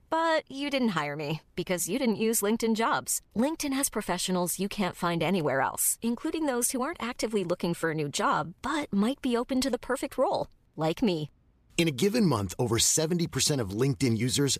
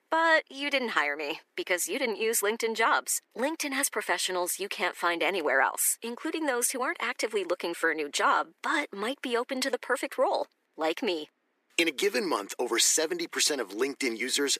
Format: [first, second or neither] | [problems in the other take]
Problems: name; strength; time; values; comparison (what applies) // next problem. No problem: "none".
first | thin; somewhat; fading below 300 Hz